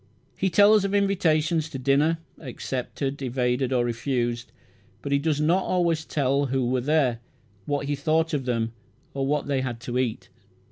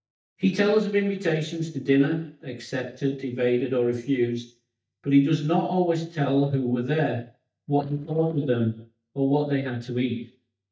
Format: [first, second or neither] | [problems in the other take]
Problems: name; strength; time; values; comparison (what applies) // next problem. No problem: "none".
first | noise reduction (neural mask model DeepFilterNet 3)